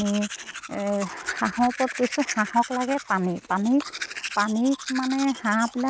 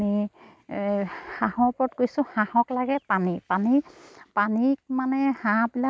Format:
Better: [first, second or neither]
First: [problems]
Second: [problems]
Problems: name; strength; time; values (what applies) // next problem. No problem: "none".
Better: second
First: background sound (Domestic sounds, home sounds); 11 dB below the speech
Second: none